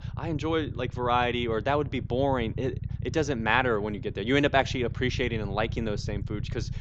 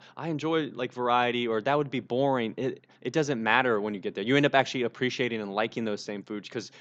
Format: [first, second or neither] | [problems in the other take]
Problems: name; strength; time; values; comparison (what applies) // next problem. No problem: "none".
second | low rumble; faint; throughout; 20 dB below the speech